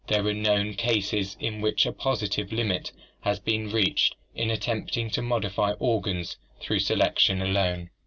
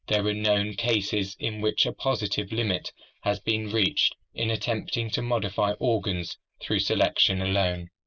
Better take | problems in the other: first | noise reduction (neural mask model Resemble Enhance denoiser)

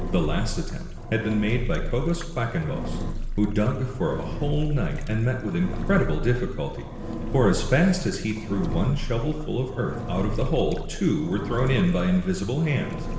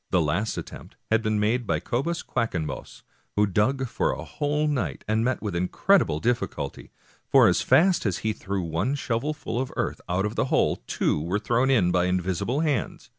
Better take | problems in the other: second | background sound (Engine); 4 dB below the speech // room echo; dies away in 1.1 s

